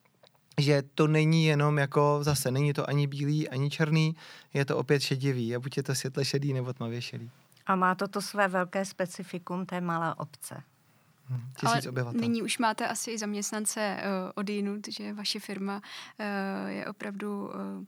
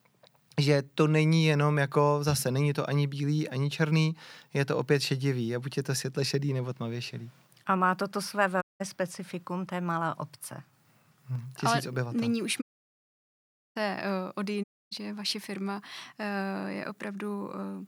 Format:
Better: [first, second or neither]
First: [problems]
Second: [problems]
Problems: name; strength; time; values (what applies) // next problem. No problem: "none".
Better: first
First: none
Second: audio cutting out; at 8.5 s, at 13 s for 1 s and at 15 s